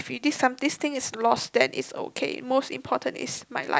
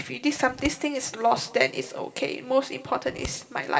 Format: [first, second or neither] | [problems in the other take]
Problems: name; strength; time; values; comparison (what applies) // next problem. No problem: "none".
first | background sound (Scissors); 16 dB below the speech // room echo; dies away in 1.5 s